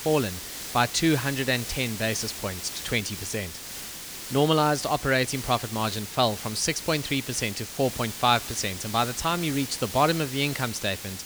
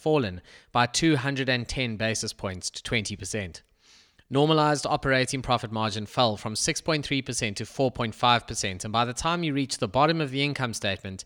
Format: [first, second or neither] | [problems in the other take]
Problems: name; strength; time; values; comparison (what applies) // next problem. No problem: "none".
second | hiss; loud; throughout; 9 dB below the speech